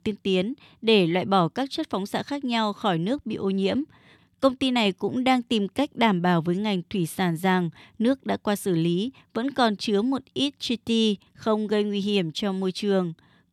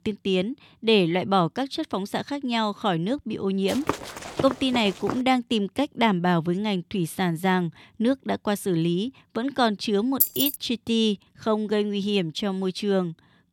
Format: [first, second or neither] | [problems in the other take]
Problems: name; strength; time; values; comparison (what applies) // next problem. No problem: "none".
first | footsteps; noticeable; from 3.5 to 5 s; peak 5 dB below the speech // jangling keys; loud; at 10 s; peak 4 dB above the speech